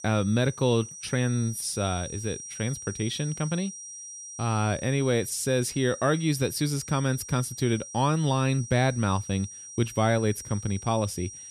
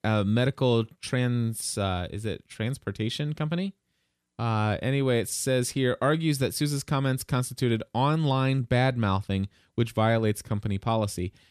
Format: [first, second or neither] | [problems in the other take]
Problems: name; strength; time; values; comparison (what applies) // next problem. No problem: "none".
second | high-pitched whine; noticeable; throughout; 5.5 kHz, 10 dB below the speech